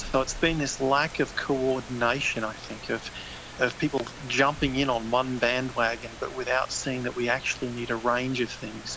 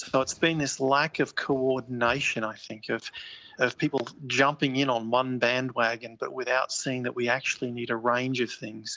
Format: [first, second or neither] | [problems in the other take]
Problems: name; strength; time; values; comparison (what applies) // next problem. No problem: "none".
second | background sound (Rain); 14 dB below the speech